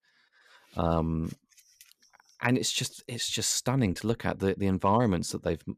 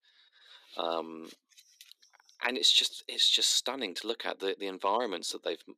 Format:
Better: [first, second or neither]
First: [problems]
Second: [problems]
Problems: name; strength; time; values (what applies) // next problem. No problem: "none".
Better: first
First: none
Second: thin; somewhat; fading below 300 Hz